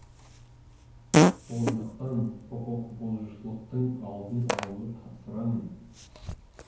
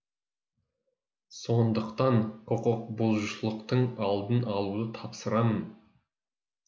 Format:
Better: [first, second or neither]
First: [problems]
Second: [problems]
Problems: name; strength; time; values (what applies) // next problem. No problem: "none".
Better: second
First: background sound (Fart); 3 dB above the speech // room echo; dies away in 0.9 s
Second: none